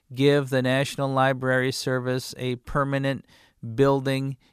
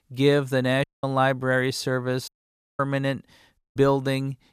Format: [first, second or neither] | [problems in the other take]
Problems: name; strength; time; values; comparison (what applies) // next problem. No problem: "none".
first | audio cutting out; at 1 s, at 2.5 s for 0.5 s and at 3.5 s